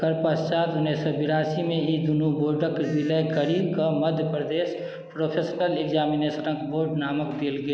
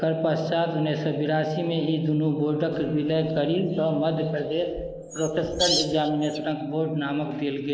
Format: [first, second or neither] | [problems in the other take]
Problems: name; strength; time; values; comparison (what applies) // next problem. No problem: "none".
first | noise reduction (neural mask model Resemble Enhance denoiser)